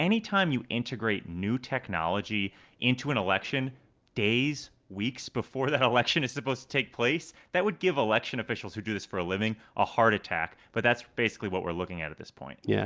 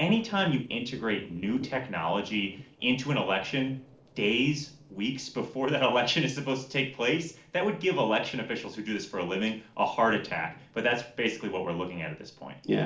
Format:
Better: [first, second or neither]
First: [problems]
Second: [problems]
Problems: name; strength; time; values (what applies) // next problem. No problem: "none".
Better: first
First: none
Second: noise reduction (neural separator model SepFormer DNS4)